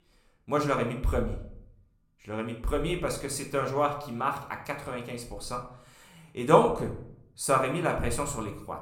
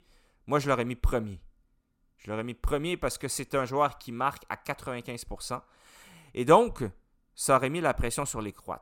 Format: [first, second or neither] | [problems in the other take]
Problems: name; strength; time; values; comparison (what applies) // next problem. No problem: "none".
second | room echo; slight; dies away in 0.5 s